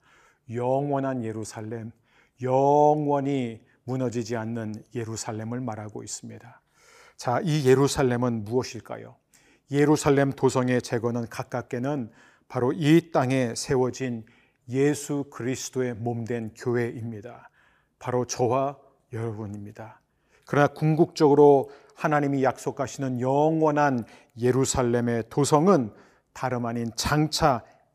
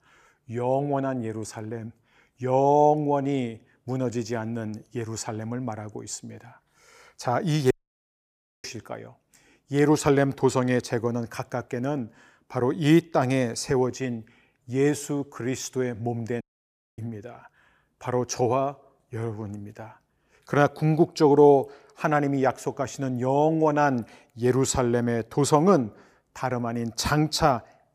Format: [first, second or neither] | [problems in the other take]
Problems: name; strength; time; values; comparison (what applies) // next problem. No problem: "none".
first | audio cutting out; at 7.5 s for 1 s and at 16 s for 0.5 s